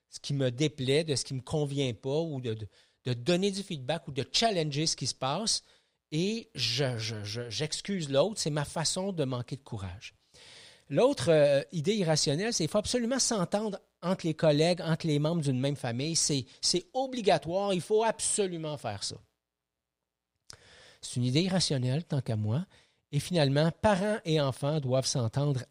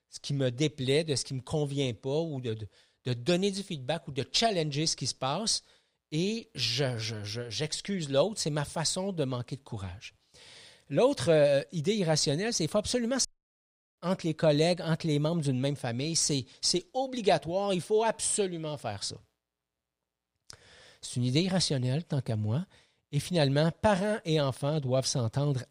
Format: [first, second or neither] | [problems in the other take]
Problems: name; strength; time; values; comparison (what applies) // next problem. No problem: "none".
first | audio cutting out; at 13 s for 0.5 s